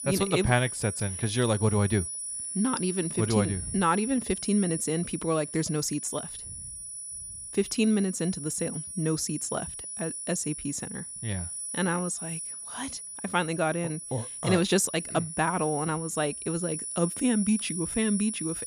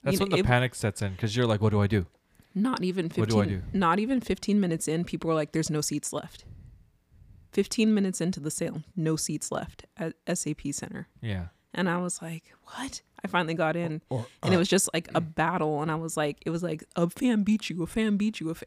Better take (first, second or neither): second